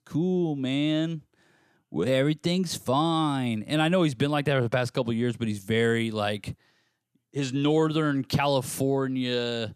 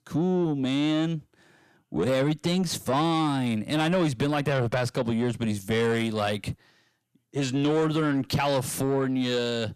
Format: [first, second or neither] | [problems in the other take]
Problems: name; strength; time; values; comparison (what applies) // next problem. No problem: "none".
first | distortion; slight; 10 dB below the speech